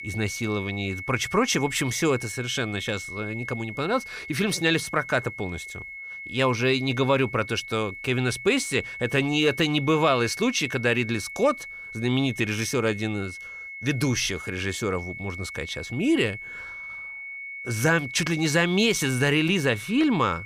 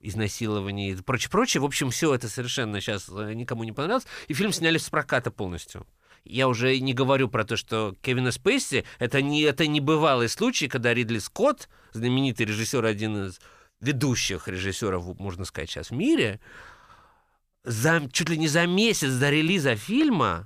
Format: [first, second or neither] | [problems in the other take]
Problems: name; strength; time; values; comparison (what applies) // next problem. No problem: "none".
second | high-pitched whine; noticeable; throughout; 2 kHz, 10 dB below the speech